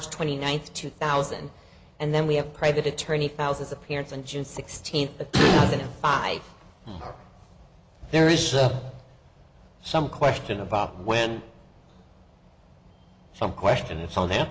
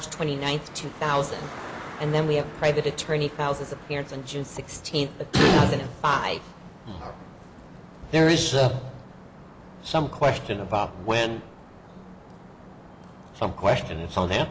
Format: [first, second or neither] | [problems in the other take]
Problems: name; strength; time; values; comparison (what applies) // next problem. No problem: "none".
first | background sound (Traffic noise, roadway noise); 17 dB below the speech